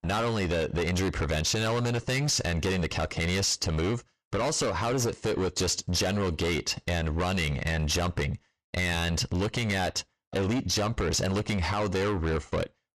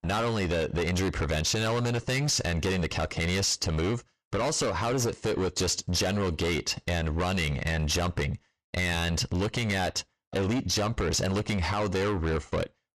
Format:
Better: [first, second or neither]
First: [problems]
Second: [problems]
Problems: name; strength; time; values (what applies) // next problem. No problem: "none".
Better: neither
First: distortion; heavy; 6 dB below the speech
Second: distortion; heavy; 6 dB below the speech